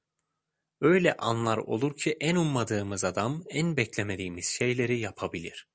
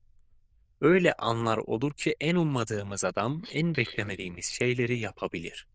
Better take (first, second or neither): first